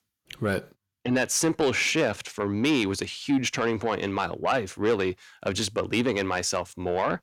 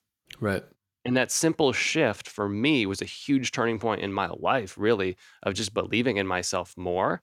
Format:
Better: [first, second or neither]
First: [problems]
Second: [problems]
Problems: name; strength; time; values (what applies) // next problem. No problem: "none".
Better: second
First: distortion; slight; 10 dB below the speech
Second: none